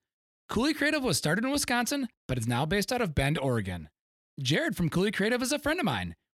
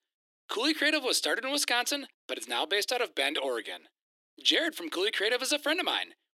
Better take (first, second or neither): first